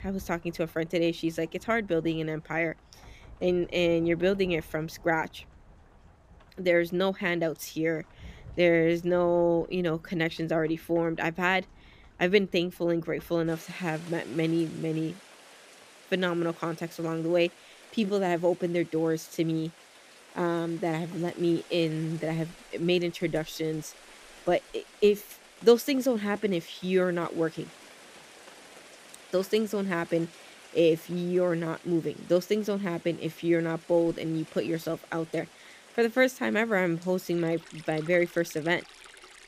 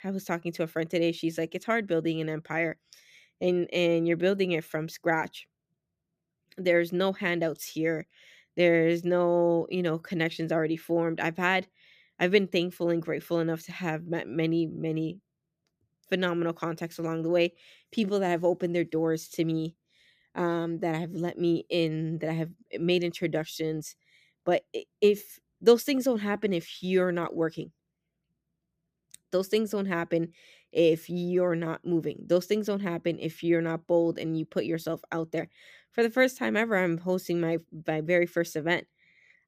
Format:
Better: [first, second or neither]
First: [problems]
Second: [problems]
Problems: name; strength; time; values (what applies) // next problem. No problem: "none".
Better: second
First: rain or running water; faint; throughout; 20 dB below the speech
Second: none